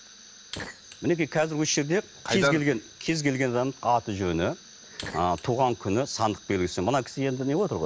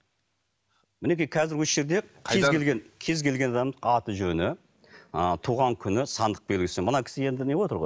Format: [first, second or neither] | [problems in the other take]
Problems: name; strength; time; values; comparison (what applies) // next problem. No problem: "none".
second | background sound (Fire); 19 dB below the speech